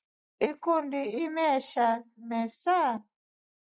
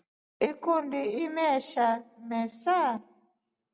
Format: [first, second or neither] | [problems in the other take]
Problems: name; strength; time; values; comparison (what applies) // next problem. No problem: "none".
second | noise reduction (neural mask model Resemble Enhance denoiser)